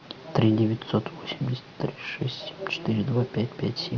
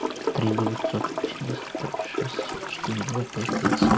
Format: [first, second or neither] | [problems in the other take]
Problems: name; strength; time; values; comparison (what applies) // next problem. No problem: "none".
first | background sound (Toilet flush / Gurgling); 3 dB above the speech